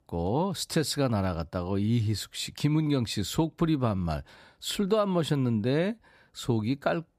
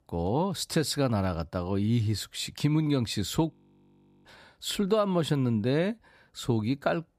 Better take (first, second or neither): first